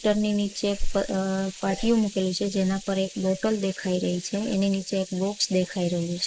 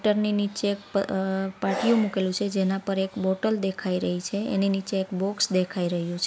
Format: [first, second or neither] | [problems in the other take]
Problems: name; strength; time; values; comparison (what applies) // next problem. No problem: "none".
second | noise reduction (neural mask model Resemble Enhance denoiser)